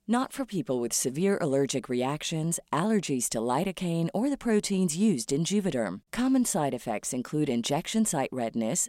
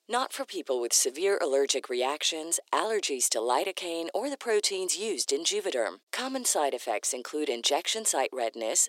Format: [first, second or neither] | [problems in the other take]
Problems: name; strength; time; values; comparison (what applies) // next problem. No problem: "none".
first | thin; very; fading below 350 Hz